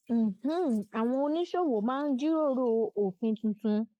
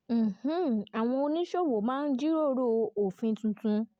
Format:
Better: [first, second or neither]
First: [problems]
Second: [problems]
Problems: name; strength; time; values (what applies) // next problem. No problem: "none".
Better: second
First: noise reduction (neural mask model Resemble Enhance denoiser)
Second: none